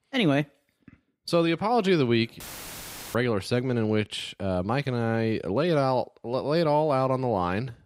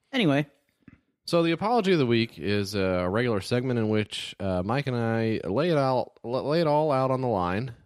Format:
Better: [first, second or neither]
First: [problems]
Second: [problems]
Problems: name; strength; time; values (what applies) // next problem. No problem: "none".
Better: second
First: audio cutting out; filled with static; at 2.5 s for 0.5 s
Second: none